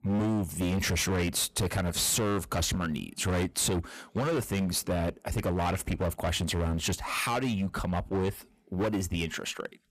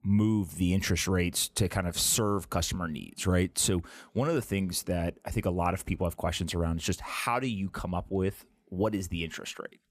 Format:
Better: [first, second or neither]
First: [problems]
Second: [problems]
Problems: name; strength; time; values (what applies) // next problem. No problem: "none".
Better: second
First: distortion; heavy; 19% of the sound clipped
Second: none